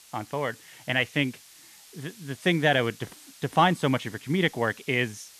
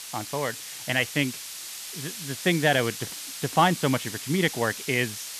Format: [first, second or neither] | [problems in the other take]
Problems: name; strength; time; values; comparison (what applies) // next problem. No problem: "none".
first | hiss; loud; throughout; 9 dB below the speech; faint in the first